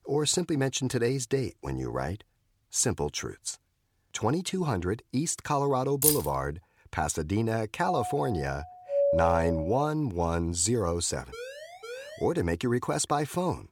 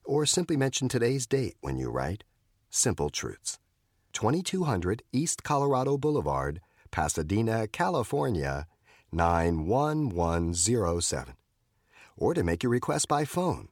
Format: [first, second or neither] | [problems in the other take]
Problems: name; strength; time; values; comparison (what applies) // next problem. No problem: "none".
second | jangling keys; loud; at 6 s; peak 5 dB above the speech // doorbell; loud; from 8 to 10 s; peak 4 dB above the speech // siren; faint; from 11 to 12 s; peak 10 dB below the speech